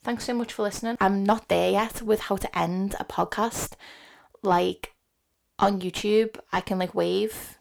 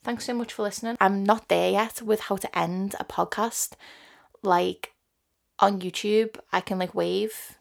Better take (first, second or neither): second